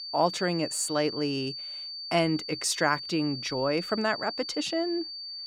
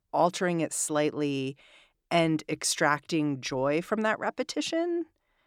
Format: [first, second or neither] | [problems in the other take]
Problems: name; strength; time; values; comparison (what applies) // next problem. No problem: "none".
second | high-pitched whine; loud; throughout; 4.5 kHz, 7 dB below the speech